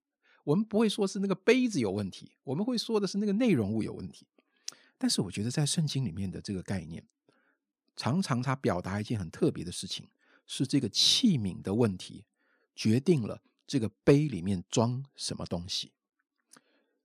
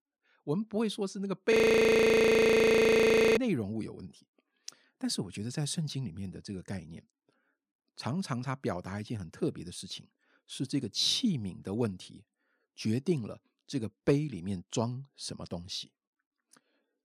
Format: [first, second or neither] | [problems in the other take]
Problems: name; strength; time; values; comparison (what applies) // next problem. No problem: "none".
first | audio freezing; at 1.5 s for 2 s